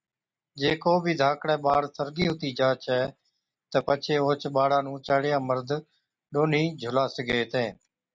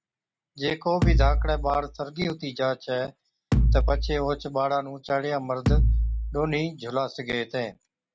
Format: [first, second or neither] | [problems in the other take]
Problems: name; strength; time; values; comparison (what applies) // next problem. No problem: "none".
first | background sound (Bass drum); 4 dB above the speech